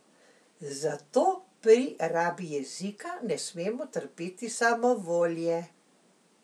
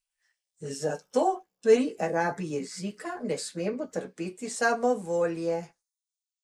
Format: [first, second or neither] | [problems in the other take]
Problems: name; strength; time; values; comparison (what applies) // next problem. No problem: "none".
first | noise reduction (neural mask model Resemble Enhance denoiser)